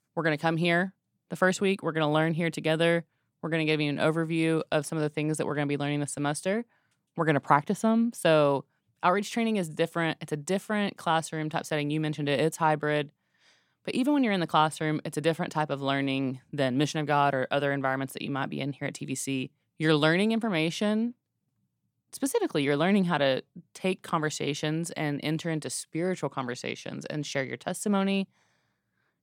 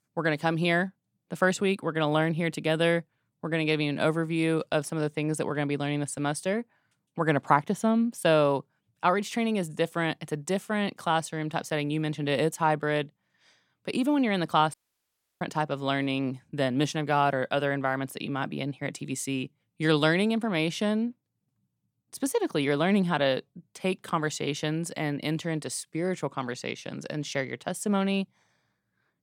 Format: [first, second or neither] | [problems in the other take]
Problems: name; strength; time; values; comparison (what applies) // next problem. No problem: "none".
first | audio cutting out; at 15 s for 0.5 s